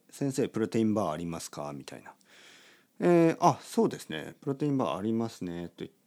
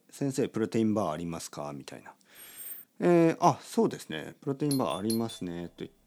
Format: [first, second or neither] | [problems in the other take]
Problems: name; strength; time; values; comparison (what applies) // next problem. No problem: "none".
first | jangling keys; faint; at 2.5 s; peak 10 dB below the speech // doorbell; noticeable; at 4.5 s; peak 9 dB below the speech